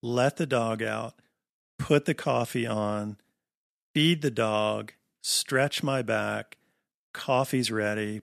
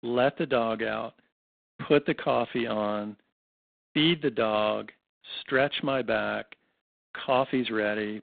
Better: first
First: none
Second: phone-call audio; poor line; nothing above 3.5 kHz

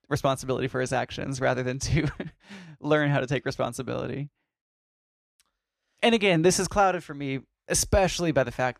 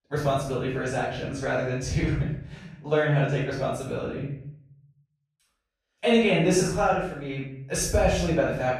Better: first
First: none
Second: off-mic speech; far // room echo; noticeable; dies away in 0.7 s

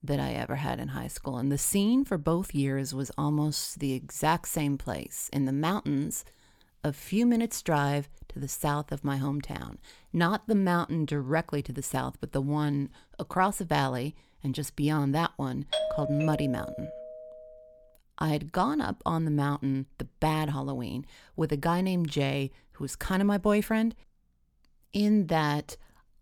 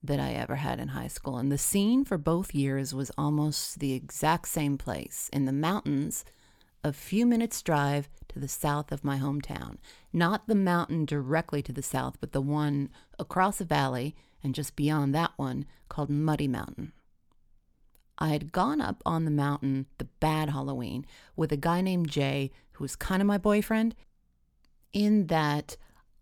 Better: second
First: doorbell; noticeable; from 16 to 17 s; peak 1 dB below the speech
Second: none

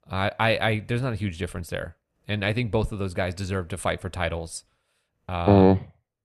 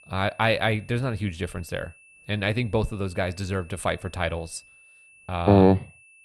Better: first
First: none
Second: high-pitched whine; faint; throughout; 2.5 kHz, 25 dB below the speech

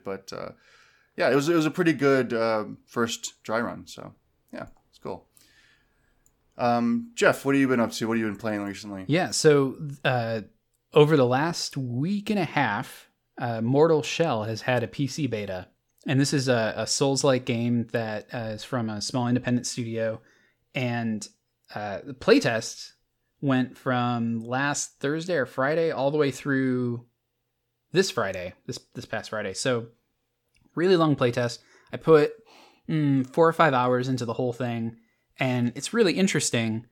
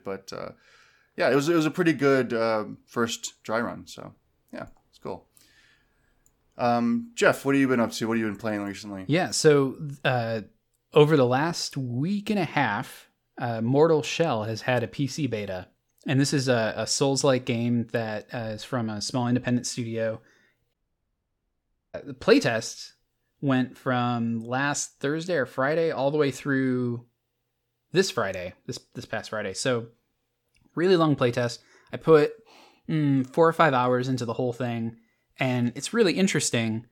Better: first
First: none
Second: audio cutting out; at 21 s for 1 s

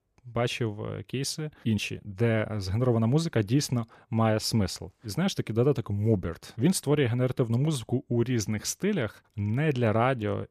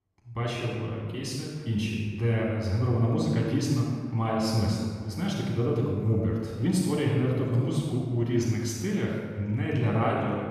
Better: first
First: none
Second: off-mic speech; far // room echo; strong; dies away in 1.5 s

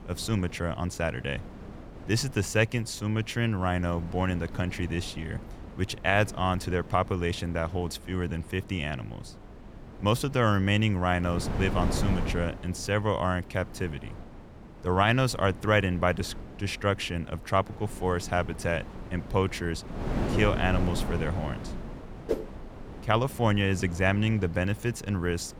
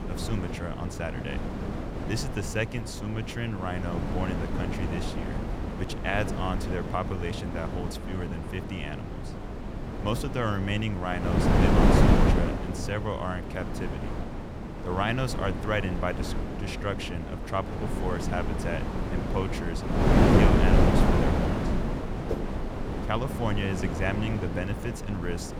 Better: first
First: wind noise on the microphone; occasional gusts; 15 dB below the speech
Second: wind noise on the microphone; heavy; 1 dB above the speech

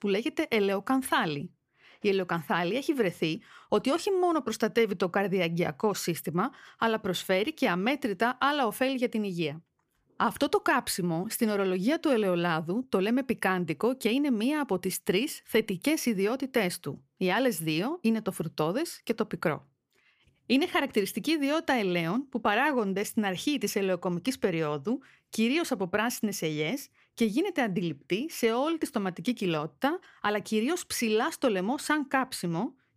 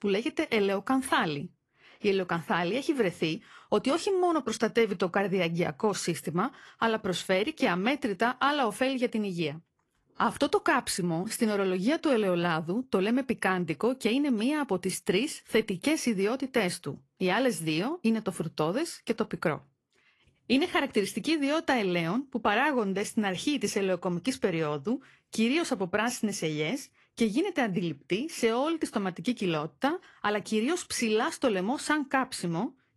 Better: first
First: none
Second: garbled, watery; slightly; nothing above 11.5 kHz

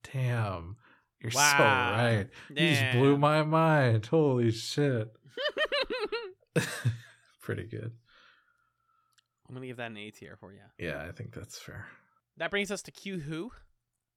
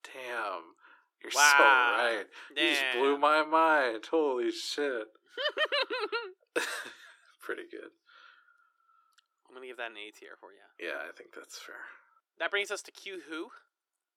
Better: first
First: none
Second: thin; very; fading below 350 Hz

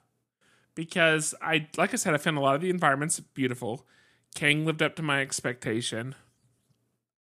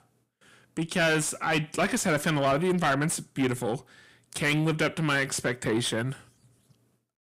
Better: first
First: none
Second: distortion; heavy; 6 dB below the speech

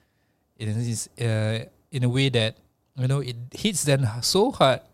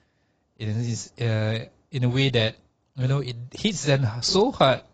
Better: first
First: none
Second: garbled, watery; badly; nothing above 7.5 kHz

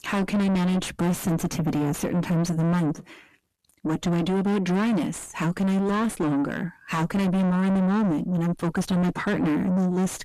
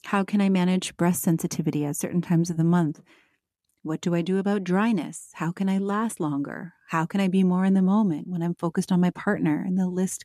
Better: second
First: distortion; heavy; 5 dB below the speech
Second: none

